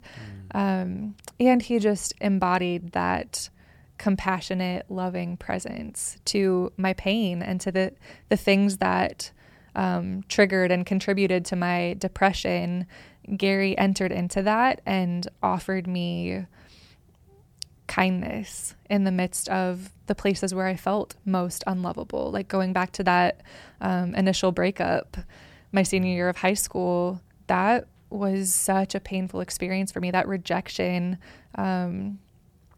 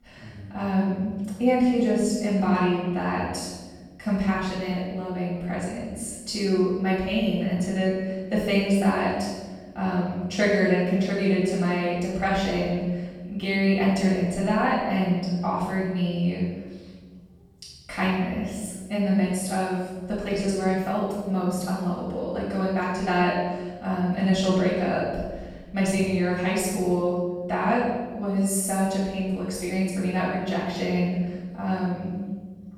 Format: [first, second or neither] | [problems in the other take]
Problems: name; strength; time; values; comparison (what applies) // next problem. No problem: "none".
first | room echo; strong; dies away in 1.2 s // off-mic speech; far